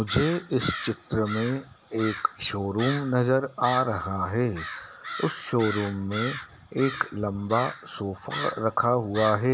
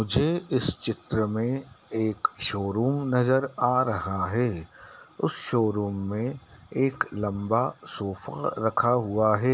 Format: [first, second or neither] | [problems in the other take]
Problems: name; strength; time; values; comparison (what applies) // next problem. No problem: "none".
second | background sound (Crow); 11 dB below the speech